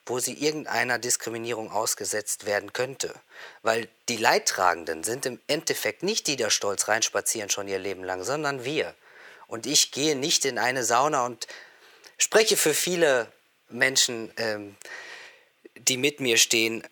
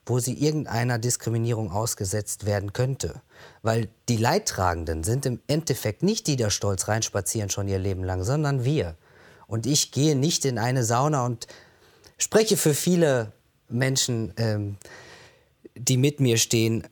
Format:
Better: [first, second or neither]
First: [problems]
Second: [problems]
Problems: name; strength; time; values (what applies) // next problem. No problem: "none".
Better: second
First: thin; very; fading below 400 Hz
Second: none